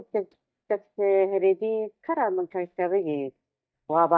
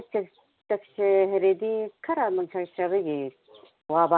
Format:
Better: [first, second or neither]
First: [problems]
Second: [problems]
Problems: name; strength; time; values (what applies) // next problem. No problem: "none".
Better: second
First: noise reduction (neural mask model DeepFilterNet 3)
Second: none